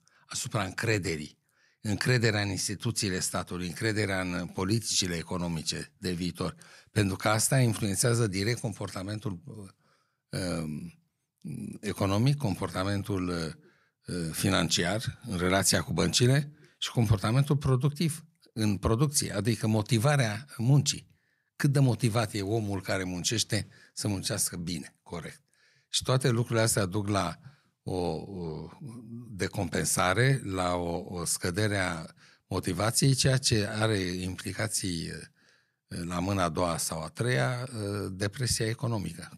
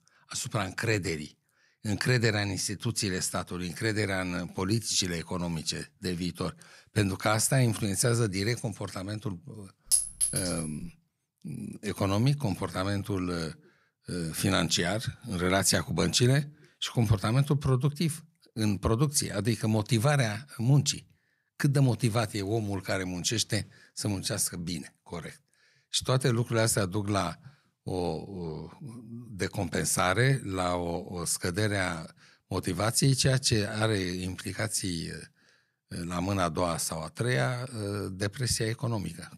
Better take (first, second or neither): first